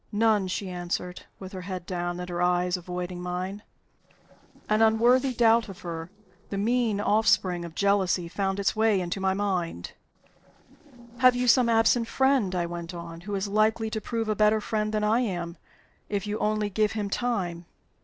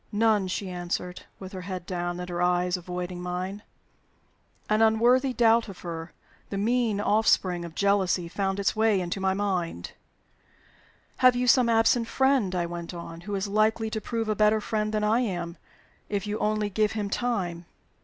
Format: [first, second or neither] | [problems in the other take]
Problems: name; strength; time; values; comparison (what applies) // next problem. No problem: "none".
second | noise reduction (neural separator model SepFormer DNS4)